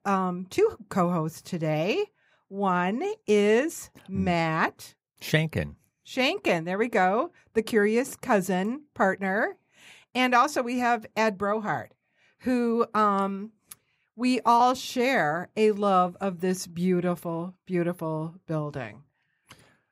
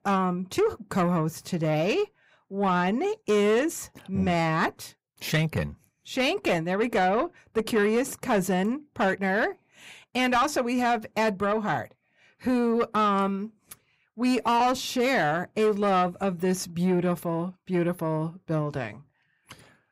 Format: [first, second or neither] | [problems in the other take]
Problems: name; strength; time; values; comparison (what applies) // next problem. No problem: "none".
first | distortion; slight; 10 dB below the speech